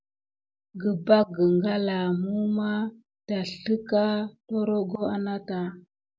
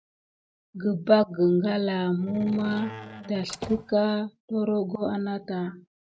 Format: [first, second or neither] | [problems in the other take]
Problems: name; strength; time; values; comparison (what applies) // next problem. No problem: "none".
first | noise reduction (neural mask model RNNoise)